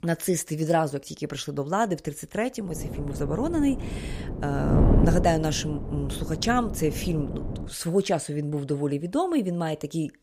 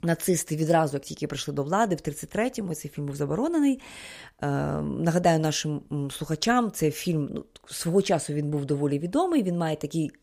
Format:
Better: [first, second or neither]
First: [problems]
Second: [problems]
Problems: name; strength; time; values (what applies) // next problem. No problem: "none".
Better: second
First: wind noise on the microphone; heavy; from 2.5 to 7.5 s; 8 dB below the speech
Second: none